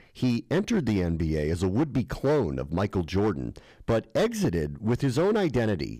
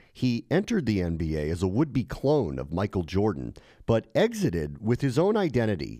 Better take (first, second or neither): second